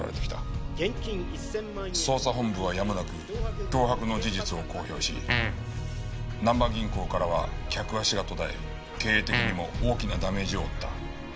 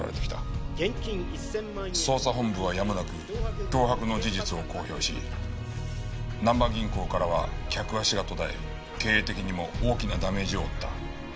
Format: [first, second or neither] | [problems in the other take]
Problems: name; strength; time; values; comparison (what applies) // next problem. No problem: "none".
second | background sound (Fart); 3 dB below the speech